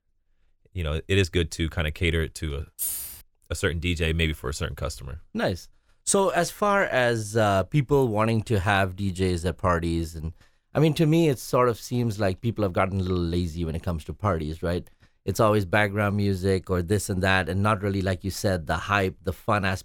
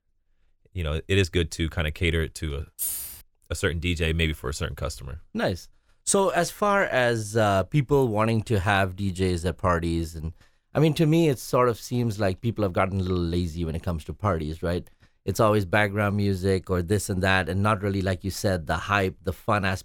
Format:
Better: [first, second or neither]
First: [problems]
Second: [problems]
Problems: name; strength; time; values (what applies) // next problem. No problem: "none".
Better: neither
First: jangling keys; noticeable; at 3 s; peak 3 dB below the speech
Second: jangling keys; noticeable; at 3 s; peak 3 dB below the speech